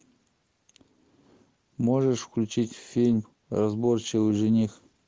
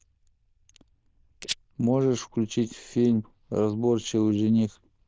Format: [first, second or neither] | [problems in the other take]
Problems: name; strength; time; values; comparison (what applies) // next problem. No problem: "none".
first | noise reduction (neural diffusion model UNIVERSE++)